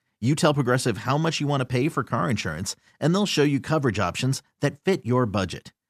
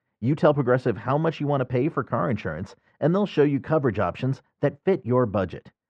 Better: first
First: none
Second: muffled; very; fading above 2 kHz

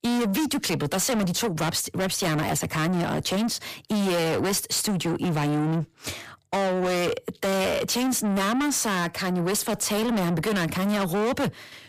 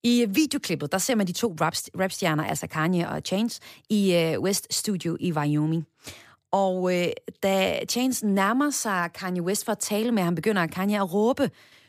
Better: second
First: distortion; heavy; 6 dB below the speech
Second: none

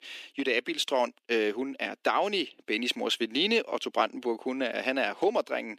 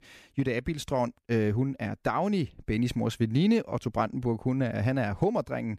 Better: second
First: thin; somewhat; fading below 300 Hz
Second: none

